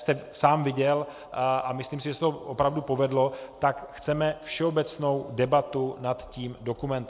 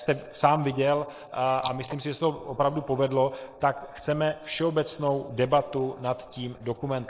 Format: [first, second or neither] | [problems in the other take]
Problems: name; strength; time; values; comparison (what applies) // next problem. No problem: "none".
first | noise reduction (neural mask model Resemble Enhance denoiser)